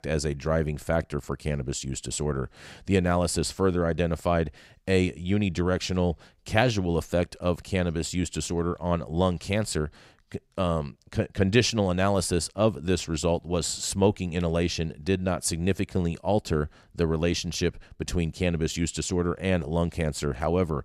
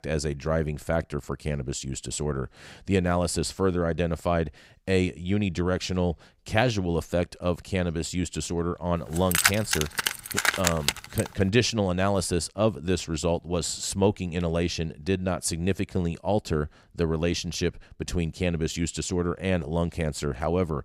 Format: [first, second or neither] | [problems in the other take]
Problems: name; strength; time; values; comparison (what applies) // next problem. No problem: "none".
first | jangling keys; loud; from 9 to 11 s; peak 5 dB above the speech